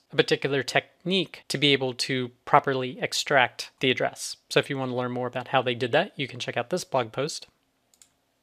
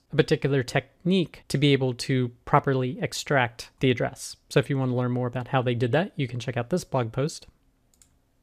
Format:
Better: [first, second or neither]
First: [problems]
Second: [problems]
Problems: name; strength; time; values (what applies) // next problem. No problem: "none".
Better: second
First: thin; somewhat; fading below 400 Hz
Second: none